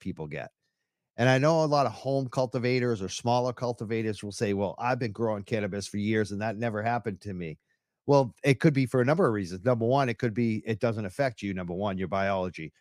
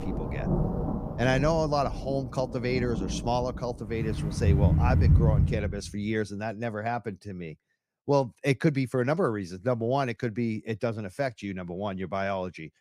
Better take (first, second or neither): first